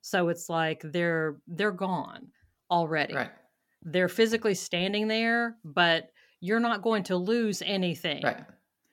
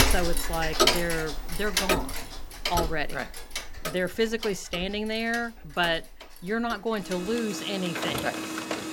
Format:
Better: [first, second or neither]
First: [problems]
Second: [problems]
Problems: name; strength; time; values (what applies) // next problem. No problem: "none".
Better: first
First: none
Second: household noises; very loud; throughout; as loud as the speech